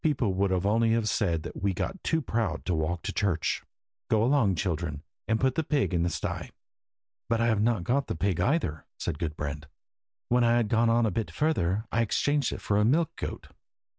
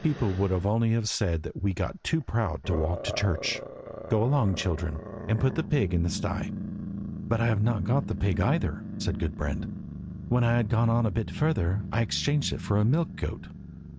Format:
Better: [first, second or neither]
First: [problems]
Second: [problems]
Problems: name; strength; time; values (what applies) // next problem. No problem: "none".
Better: first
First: none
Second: background sound (Growling); 9 dB below the speech